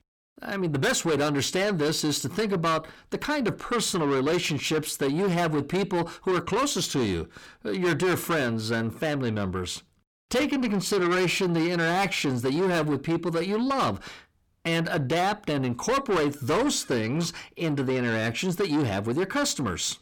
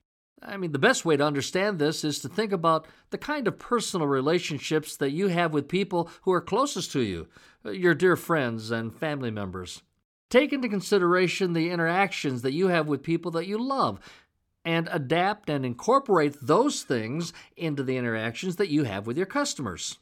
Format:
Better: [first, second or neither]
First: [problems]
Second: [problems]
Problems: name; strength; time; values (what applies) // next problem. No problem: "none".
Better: second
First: distortion; heavy; 6 dB below the speech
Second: none